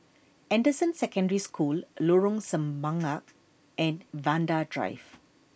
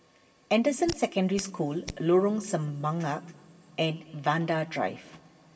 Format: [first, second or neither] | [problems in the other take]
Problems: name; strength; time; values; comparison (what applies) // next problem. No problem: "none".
first | background sound (Hands); 16 dB below the speech // room echo; dies away in 2.2 s